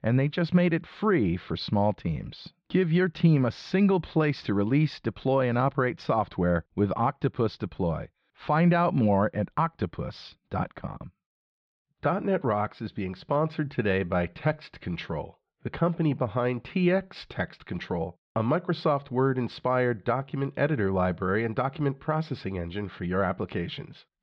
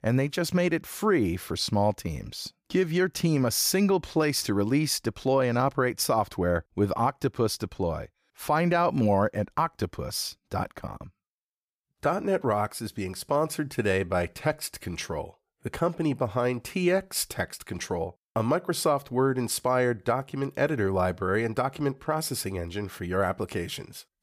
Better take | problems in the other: second | muffled; slightly; fading above 4 kHz

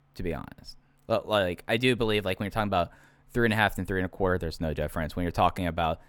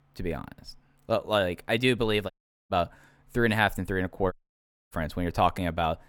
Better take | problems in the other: first | audio cutting out; at 2.5 s and at 4.5 s for 0.5 s

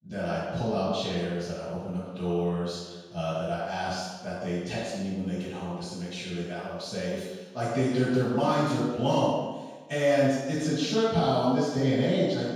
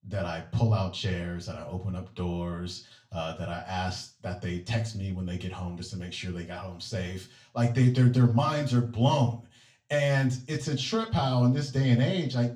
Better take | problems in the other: second | room echo; strong; dies away in 1.2 s; slight in the second // off-mic speech; far; far in the second

